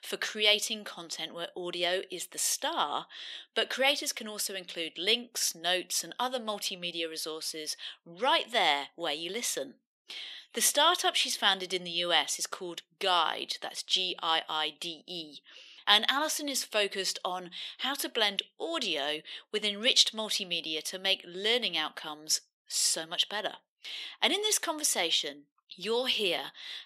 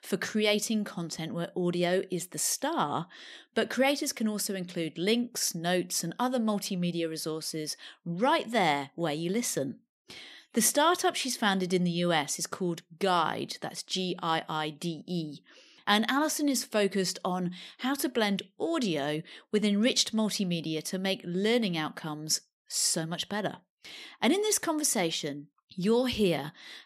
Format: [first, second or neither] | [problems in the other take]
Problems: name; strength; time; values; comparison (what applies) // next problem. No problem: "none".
second | thin; somewhat; fading below 500 Hz